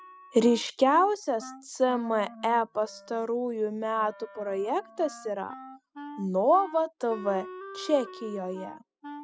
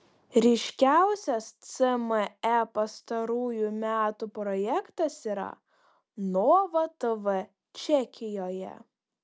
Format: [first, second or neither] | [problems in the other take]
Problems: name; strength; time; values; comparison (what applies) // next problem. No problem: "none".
second | noise reduction (classical method spectral subtraction)